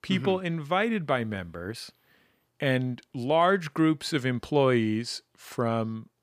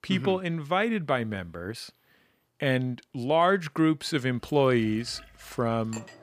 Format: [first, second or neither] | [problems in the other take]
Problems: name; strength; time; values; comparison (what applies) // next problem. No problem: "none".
first | household noises; faint; from 4.5 s on; 20 dB below the speech